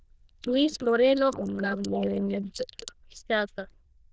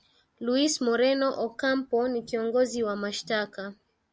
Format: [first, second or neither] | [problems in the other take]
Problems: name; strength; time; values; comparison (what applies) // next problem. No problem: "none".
second | noise reduction (neural diffusion model UNIVERSE++)